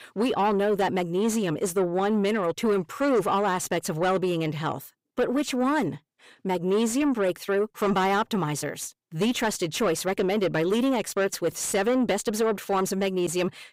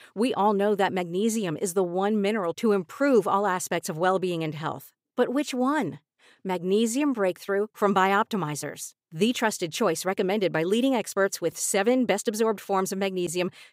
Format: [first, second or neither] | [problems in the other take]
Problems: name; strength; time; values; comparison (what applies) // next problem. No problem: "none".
second | distortion; slight; 10 dB below the speech